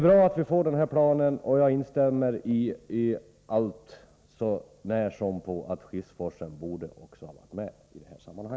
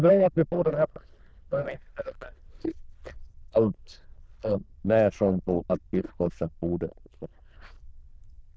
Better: first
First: none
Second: noise reduction (neural diffusion model UNIVERSE++)

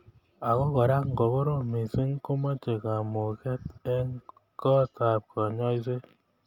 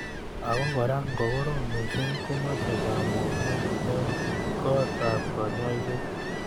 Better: first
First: none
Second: background sound (Ocean); as loud as the speech

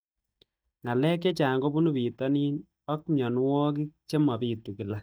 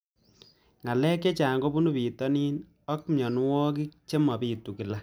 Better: second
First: noise reduction (neural mask model DeepFilterNet 3)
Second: none

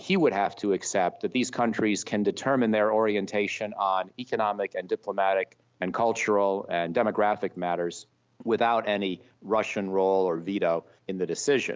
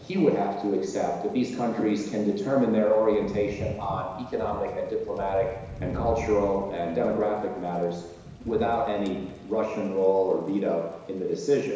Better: first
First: none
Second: background sound (Thunder / Rain); 15 dB below the speech // room echo; dies away in 1 s

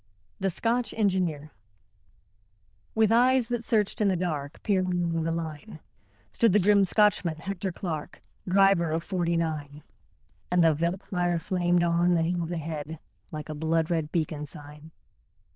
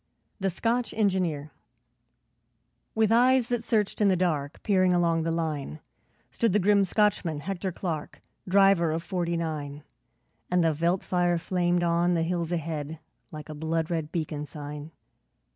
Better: second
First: noise reduction (neural diffusion model UNIVERSE++)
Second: none

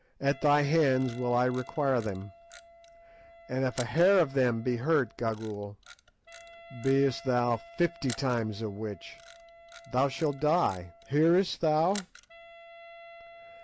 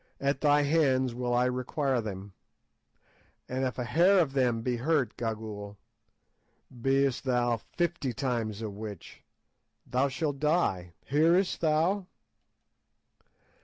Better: second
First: background sound (Wind instrument, woodwind instrument + Camera); 20 dB below the speech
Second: none

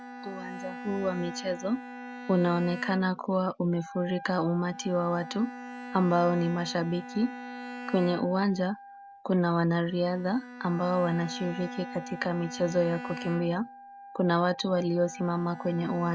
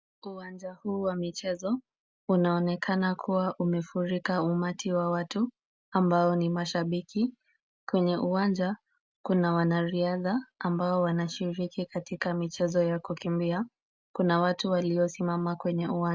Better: second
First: background sound (Bowed string instrument + Wind instrument, woodwind instrument); 13 dB below the speech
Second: none

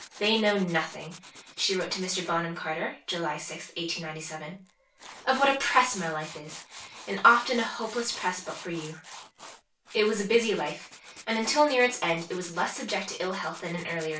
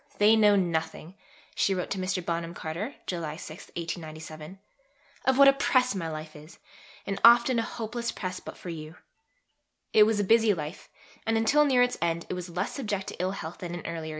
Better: second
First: background sound (Tools); 19 dB below the speech // room echo; dies away in 0.2 s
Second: none

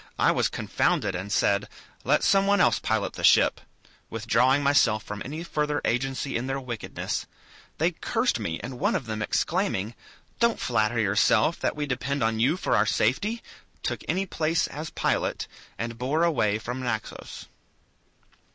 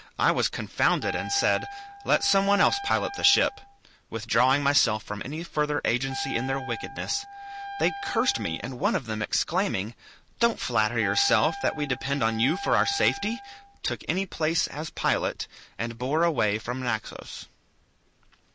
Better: first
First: none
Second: background sound (Wind instrument, woodwind instrument); 11 dB below the speech

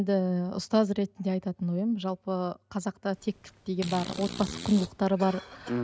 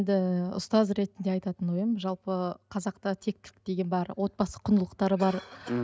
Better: second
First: background sound (Fart); 13 dB below the speech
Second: none

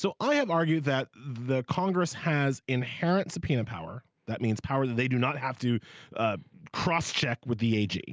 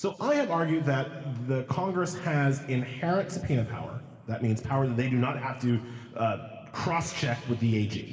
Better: first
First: none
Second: room echo; dies away in 2 s

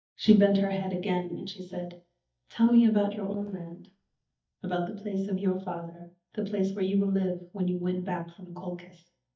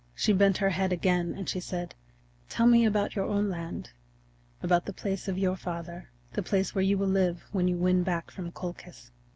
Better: second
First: noise reduction (neural mask model DeepFilterNet 3)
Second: none

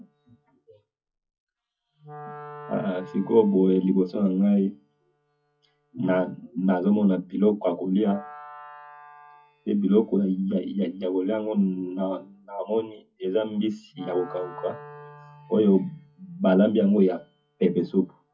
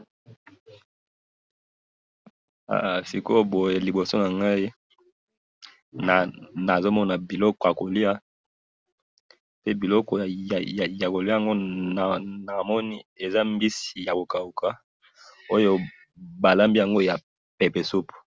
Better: second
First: noise reduction (classical method WPE with log-MMSE)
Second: none

